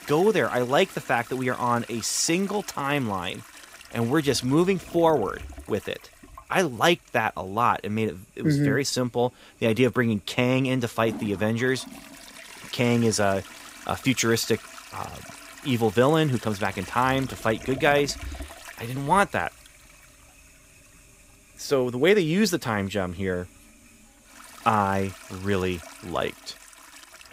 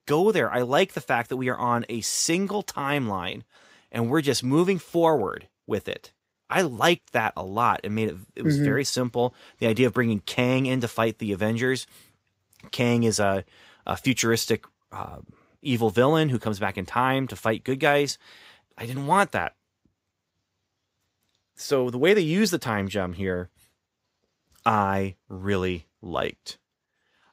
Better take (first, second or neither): second